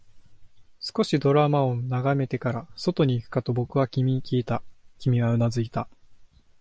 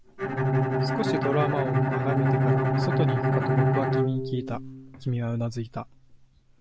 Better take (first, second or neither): first